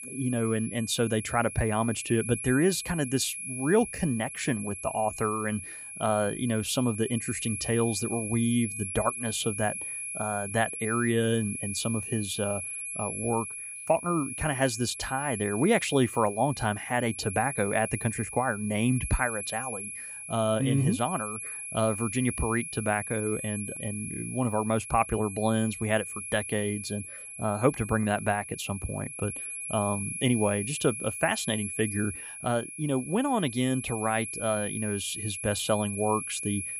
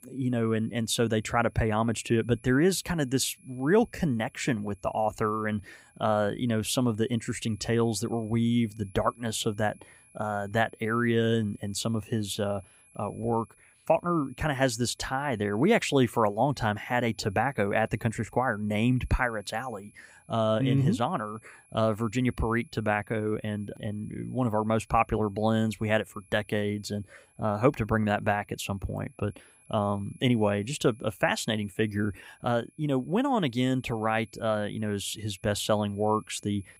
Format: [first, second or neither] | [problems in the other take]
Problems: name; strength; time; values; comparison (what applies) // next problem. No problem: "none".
second | high-pitched whine; loud; throughout; 11 kHz, 6 dB below the speech; faint in the second